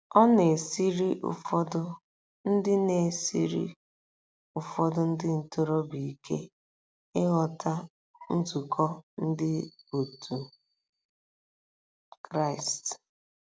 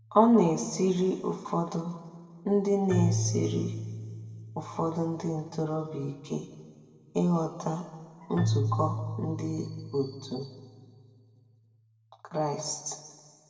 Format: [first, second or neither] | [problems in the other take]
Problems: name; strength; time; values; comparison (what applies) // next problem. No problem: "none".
first | background sound (Keyboard (musical)); 7 dB below the speech // room echo; dies away in 1.6 s